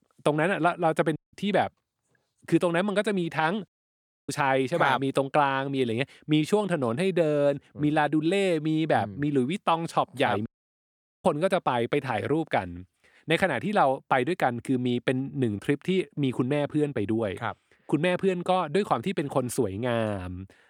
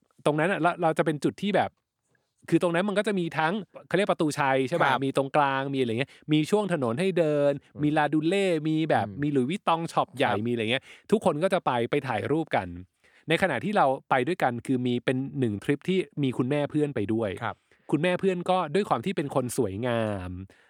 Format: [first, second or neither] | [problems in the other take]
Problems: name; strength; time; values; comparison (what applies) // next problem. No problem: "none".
second | audio cutting out; at 1 s, at 3.5 s for 0.5 s and at 10 s for 1 s